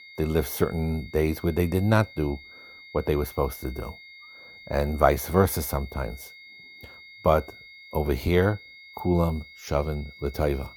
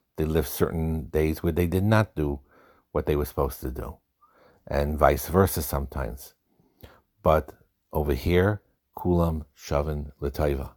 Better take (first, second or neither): second